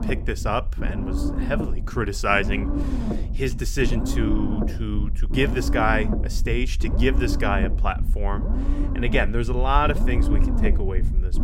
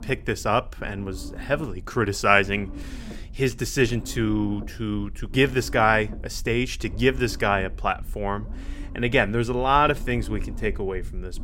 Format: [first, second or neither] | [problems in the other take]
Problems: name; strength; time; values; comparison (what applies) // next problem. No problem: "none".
second | low rumble; loud; throughout; 9 dB below the speech; faint in the second